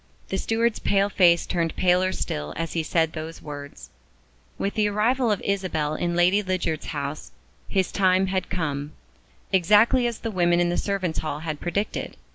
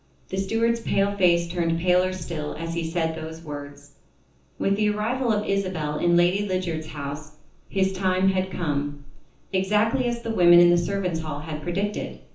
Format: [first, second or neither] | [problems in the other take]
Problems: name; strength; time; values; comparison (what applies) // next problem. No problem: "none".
first | room echo; dies away in 0.7 s